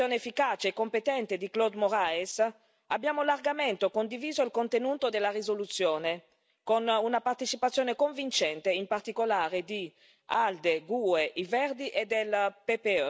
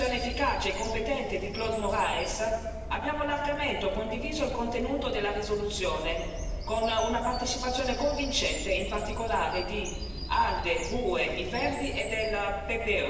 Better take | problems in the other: first | background sound (Bird vocalization, bird call, bird song); 7 dB below the speech // room echo; dies away in 1.2 s

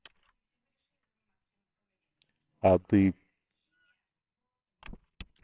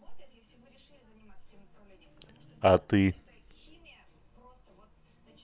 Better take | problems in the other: second | noise reduction (neural separator model SepFormer WHAMR!)

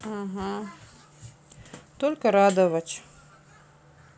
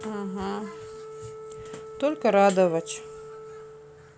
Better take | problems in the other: first | background sound (Wind instrument, woodwind instrument); 14 dB below the speech

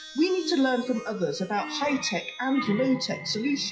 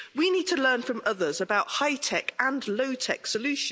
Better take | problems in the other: second | noise reduction (classical method WPE with log-MMSE)

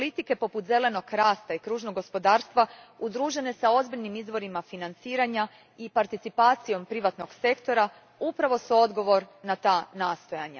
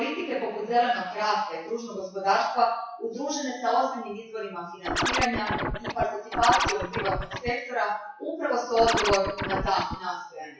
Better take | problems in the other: first | noise reduction (classical method WPE with log-MMSE)

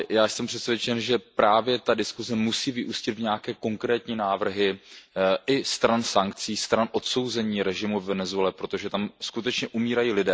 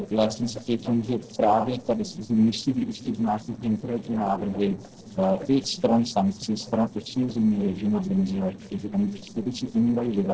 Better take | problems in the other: first | noise reduction (neural separator model SepFormer DNS4)

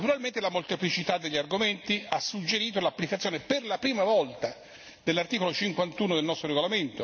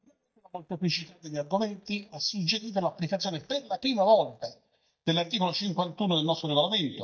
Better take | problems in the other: first | noise reduction (neural mask model DeepFilterNet 3)

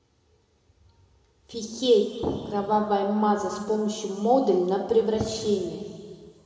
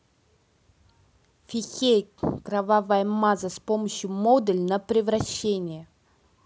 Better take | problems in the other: second | room echo; dies away in 2.3 s

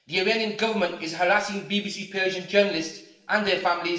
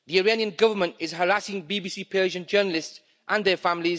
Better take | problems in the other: second | room echo; dies away in 0.8 s

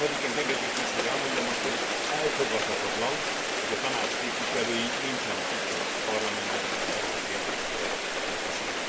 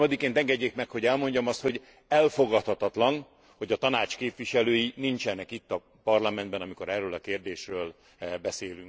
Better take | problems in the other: second | background sound (Rain); 5 dB above the speech // room echo; dies away in 2.8 s

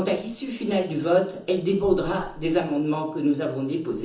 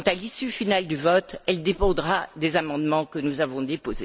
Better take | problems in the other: second | room echo; dies away in 0.7 s

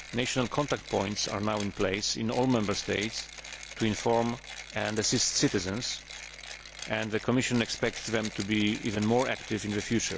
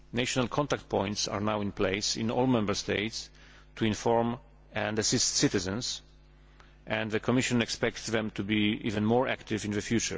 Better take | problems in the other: second | background sound (Mechanisms); 14 dB below the speech

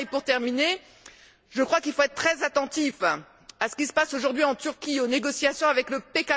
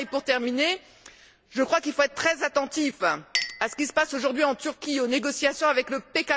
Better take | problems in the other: first | background sound (Chink, clink); 16 dB below the speech

